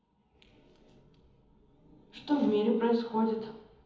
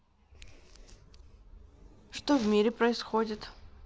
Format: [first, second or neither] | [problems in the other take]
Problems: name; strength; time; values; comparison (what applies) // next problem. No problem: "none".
second | room echo; dies away in 1.3 s